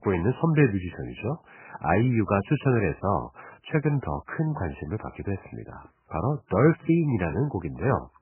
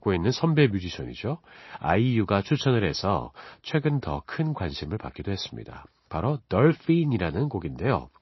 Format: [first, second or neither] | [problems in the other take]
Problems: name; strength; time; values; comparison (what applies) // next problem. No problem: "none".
second | garbled, watery; badly; nothing above 2.5 kHz; slightly in the second